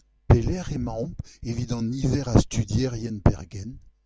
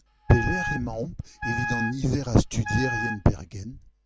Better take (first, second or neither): first